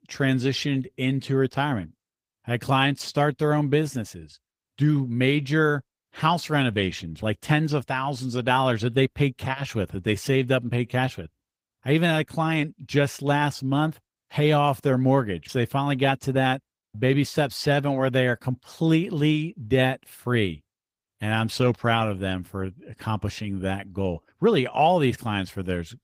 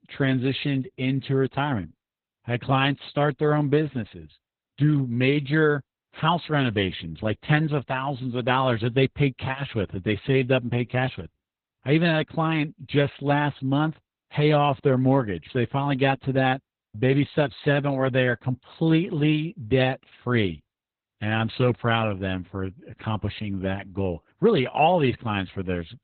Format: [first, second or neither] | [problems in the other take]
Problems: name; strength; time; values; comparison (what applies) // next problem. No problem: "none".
first | garbled, watery; badly; nothing above 4 kHz; slightly in the first